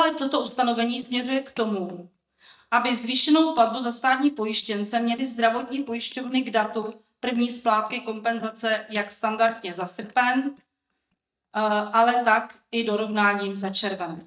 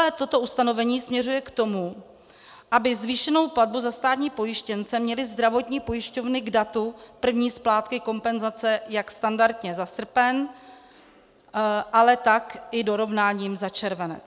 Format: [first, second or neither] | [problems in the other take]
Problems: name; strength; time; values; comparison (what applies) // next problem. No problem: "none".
second | noise reduction (neural mask model DeepFilterNet 3)